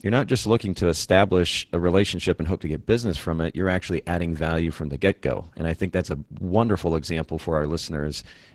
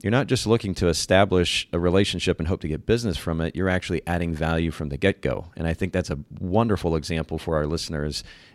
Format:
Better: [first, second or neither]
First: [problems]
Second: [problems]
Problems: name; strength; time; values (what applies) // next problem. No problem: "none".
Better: second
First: garbled, watery; slightly; nothing above 16 kHz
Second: none